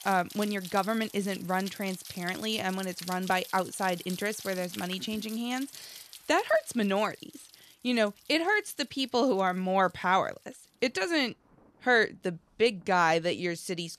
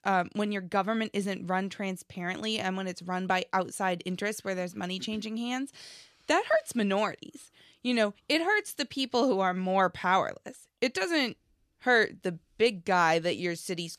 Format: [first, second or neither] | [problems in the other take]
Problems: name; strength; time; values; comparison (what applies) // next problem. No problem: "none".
second | rain or running water; noticeable; throughout; 15 dB below the speech